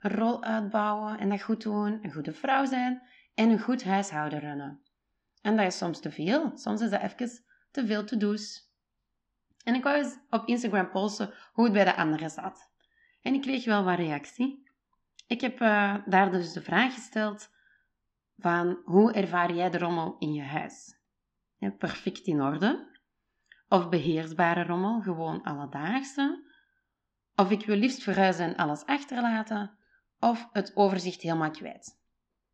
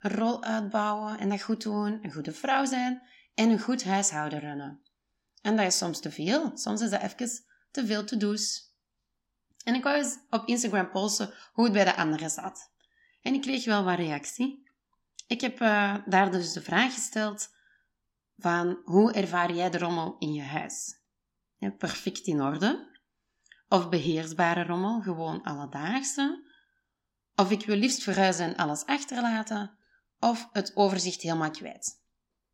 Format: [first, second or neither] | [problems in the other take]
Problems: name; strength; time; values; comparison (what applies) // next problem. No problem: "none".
second | muffled; slightly; fading above 3 kHz